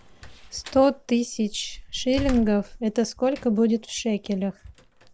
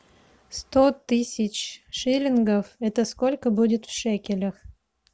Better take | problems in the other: second | background sound (Slam); 14 dB below the speech

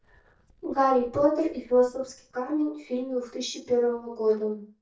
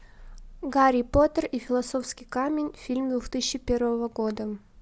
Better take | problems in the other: second | noise reduction (neural mask model DeepFilterNet 3)

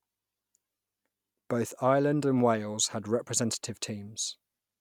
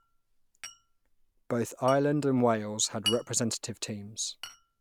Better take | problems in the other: first | background sound (Glass); 13 dB below the speech

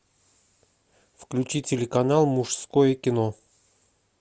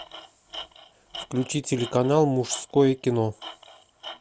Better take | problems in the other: first | background sound (Tools); 17 dB below the speech

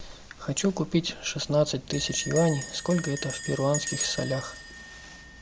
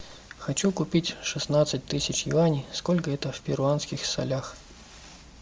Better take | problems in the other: second | background sound (Bell); 11 dB below the speech

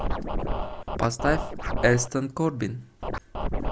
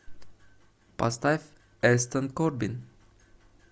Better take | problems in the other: second | background sound (Scratching (performance technique)); 1 dB below the speech

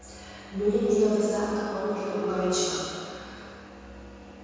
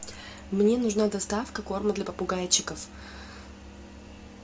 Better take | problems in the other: second | room echo; dies away in 2.2 s

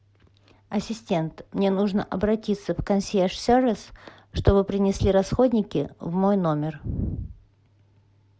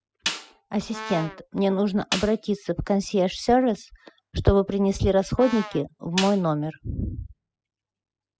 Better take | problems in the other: first | noise reduction (classical method spectral subtraction)

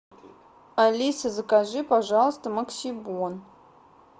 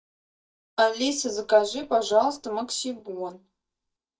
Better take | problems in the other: first | noise reduction (neural mask model DeepFilterNet 3)

